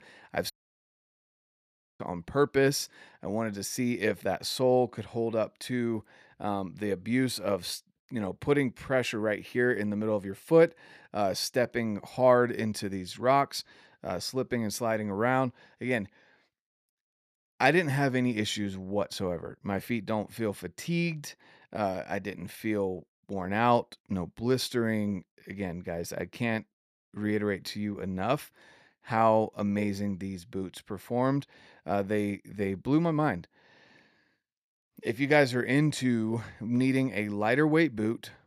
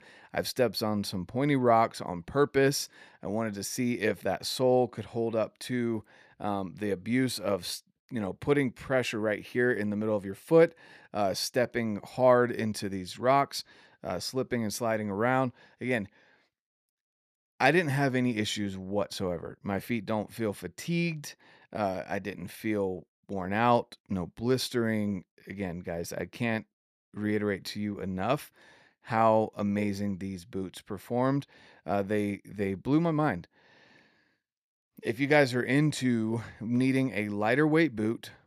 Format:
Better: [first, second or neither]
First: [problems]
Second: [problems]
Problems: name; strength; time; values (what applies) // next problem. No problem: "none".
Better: second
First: audio cutting out; at 0.5 s for 1.5 s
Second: none